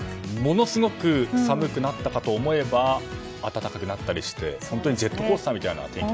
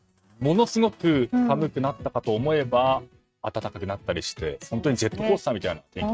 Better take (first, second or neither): first